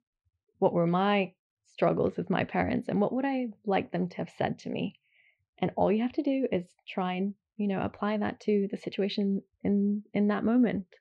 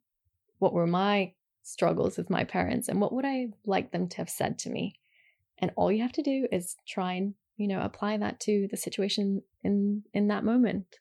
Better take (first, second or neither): second